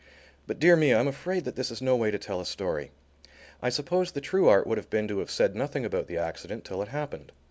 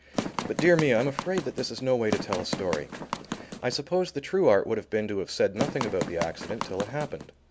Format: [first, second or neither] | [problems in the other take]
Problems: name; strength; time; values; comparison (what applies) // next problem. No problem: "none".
first | background sound (Run); 7 dB below the speech